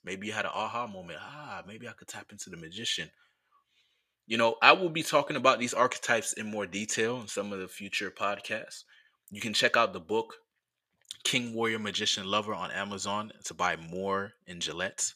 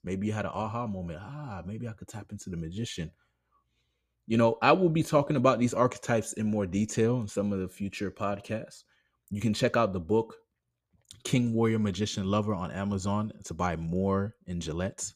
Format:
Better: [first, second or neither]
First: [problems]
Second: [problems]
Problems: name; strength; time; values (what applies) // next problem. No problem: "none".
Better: second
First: thin; somewhat; fading below 1 kHz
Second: none